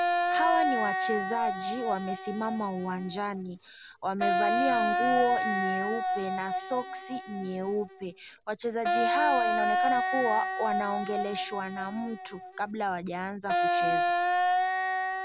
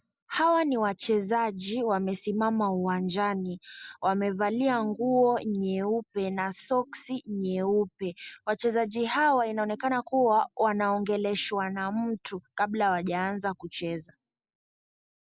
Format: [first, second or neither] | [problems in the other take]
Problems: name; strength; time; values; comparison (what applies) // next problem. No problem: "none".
second | background sound (Wind instrument, woodwind instrument); 3 dB above the speech